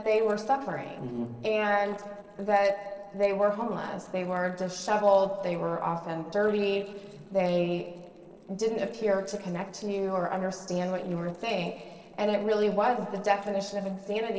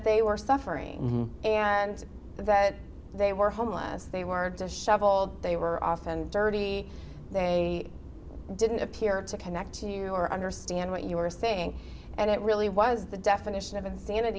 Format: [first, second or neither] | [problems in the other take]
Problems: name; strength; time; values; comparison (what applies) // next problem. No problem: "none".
second | noise reduction (neural separator model SepFormer DNS4)